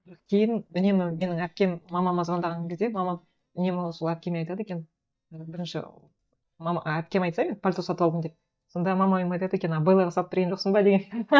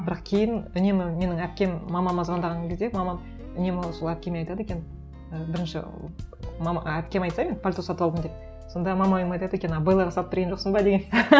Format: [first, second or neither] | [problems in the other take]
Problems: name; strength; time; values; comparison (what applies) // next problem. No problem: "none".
second | noise reduction (neural mask model DeepFilterNet 3)